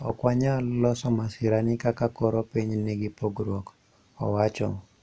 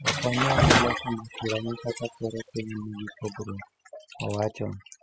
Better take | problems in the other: first | noise reduction (classical method spectral subtraction)

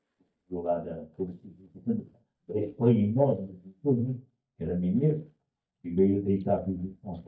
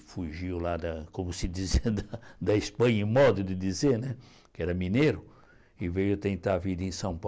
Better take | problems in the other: second | noise reduction (neural mask model DeepFilterNet 3)

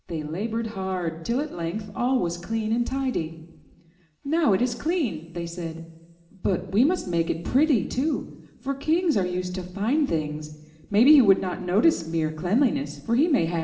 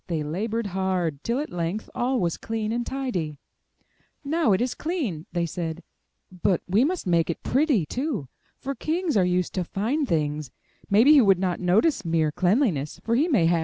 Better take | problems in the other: second | room echo; dies away in 1.4 s

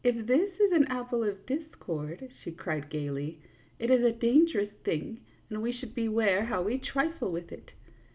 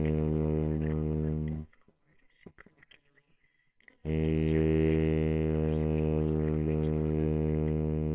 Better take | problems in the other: first | noise reduction (neural separator model SepFormer WHAMR!)

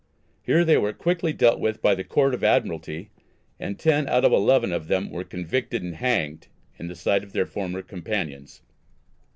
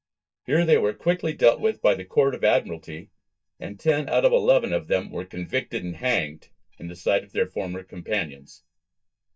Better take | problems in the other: first | noise reduction (neural mask model DeepFilterNet 3)

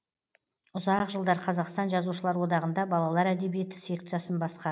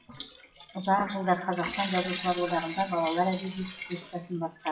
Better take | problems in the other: first | noise reduction (classical method WPE with log-MMSE)

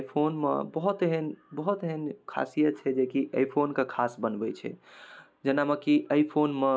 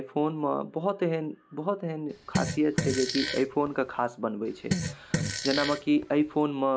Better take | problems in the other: first | background sound (Fart); 4 dB below the speech

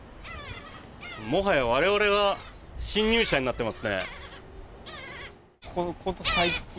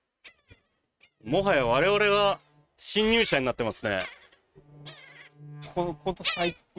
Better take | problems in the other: first | noise reduction (neural mask model RNNoise)

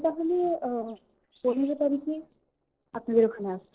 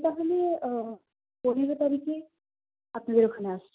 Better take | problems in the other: second | noise reduction (neural separator model SepFormer DNS4)

